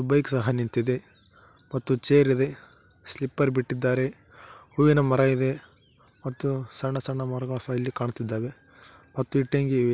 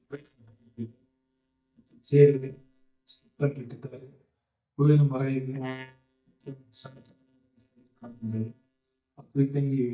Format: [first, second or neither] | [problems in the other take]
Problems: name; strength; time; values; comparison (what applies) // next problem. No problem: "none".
first | noise reduction (neural mask model DeepFilterNet 3)